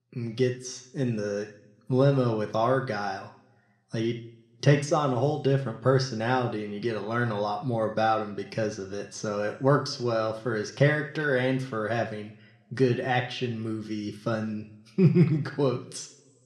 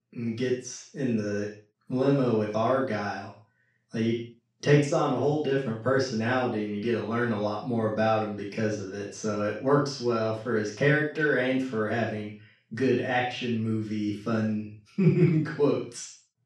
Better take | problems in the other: first | room echo; strong; dies away in 0.4 s; slight in the first // off-mic speech; far

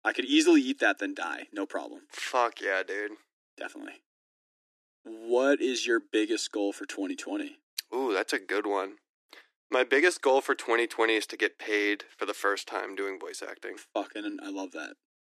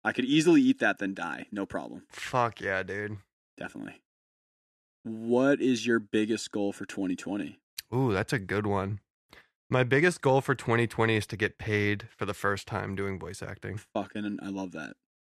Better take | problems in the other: second | thin; somewhat; fading below 300 Hz

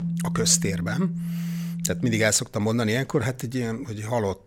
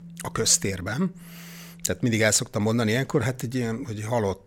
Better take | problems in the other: second | background music; loud; until 2 s; 5 dB below the speech; faint in the second

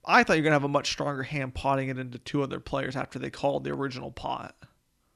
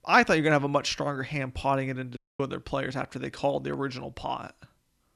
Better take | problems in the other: first | audio cutting out; at 2 s

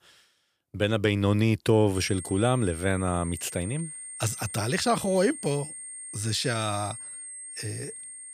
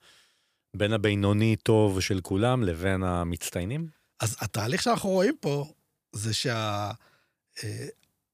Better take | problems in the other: second | high-pitched whine; noticeable; from 2 s on; 8.5 kHz, 10 dB below the speech

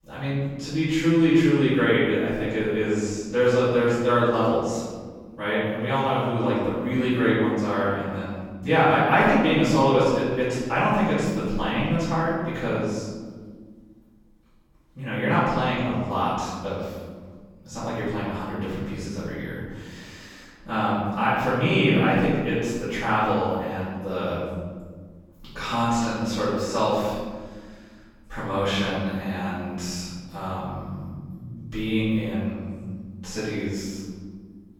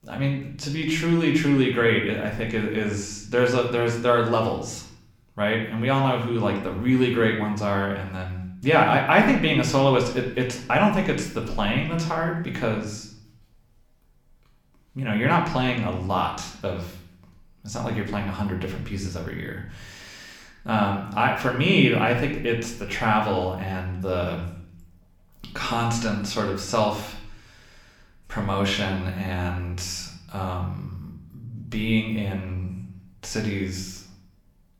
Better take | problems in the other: second | room echo; strong; dies away in 1.7 s; slight in the second // off-mic speech; far; somewhat distant in the second

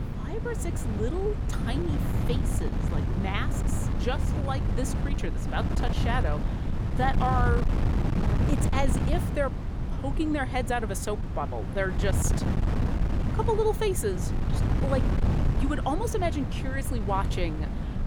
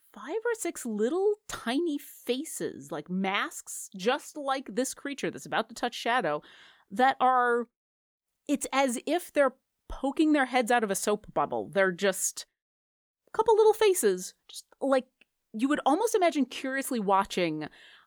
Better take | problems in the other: second | wind noise on the microphone; heavy; 6 dB below the speech

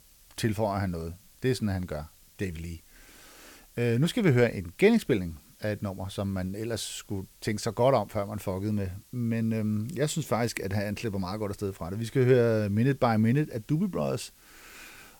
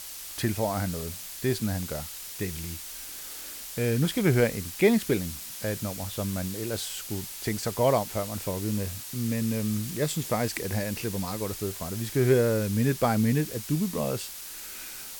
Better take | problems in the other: first | hiss; loud; throughout; 8 dB below the speech; faint in the first

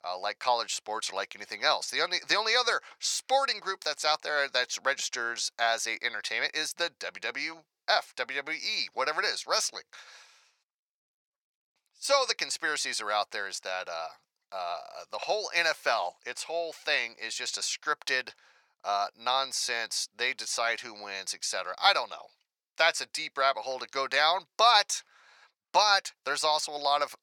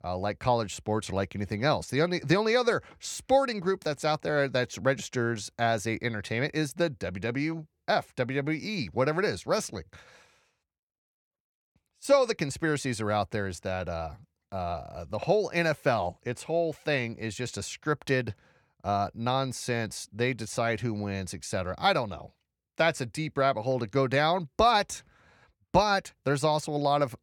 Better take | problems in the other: second | thin; very; fading below 950 Hz

